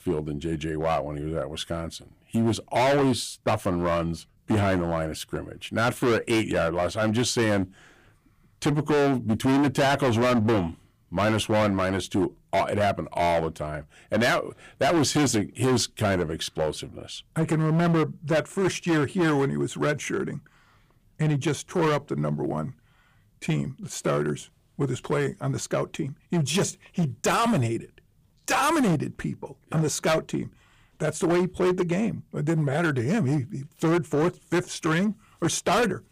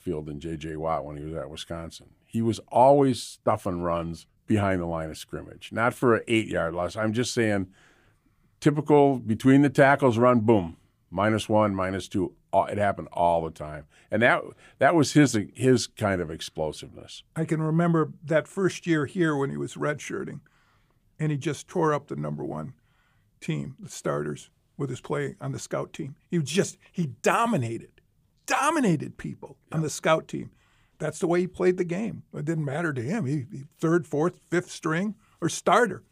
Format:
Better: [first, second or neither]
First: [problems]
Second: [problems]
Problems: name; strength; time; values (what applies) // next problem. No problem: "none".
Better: second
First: distortion; heavy; 13% of the sound clipped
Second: none